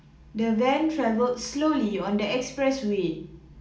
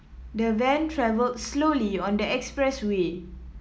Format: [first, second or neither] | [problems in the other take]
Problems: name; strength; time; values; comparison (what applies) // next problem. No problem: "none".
second | room echo; dies away in 0.4 s